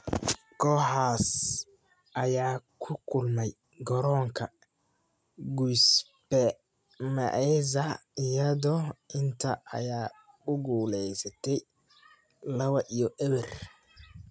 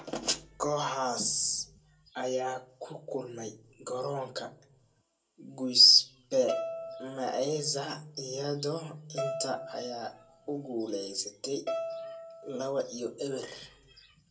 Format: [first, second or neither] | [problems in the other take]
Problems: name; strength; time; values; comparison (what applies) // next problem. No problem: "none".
first | background sound (Bowed string instrument); 8 dB below the speech // room echo; dies away in 0.2 s